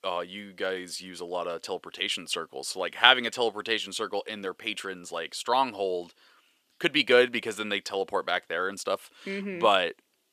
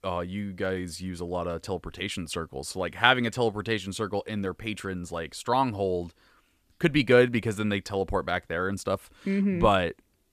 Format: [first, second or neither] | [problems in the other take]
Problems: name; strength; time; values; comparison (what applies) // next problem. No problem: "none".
second | thin; somewhat; fading below 400 Hz